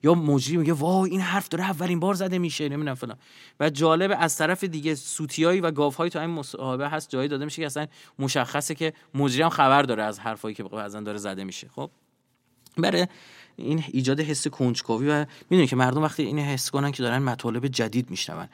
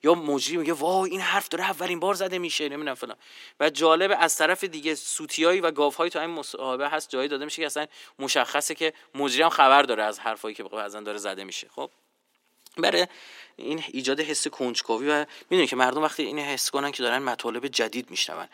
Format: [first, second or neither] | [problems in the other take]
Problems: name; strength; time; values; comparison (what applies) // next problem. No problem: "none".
first | thin; somewhat; fading below 350 Hz